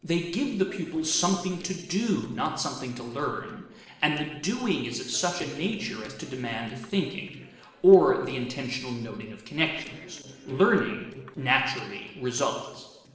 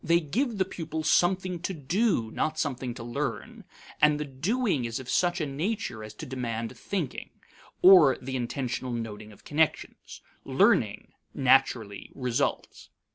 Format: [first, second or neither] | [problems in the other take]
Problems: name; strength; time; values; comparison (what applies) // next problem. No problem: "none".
second | noise reduction (neural separator model SepFormer DNS4)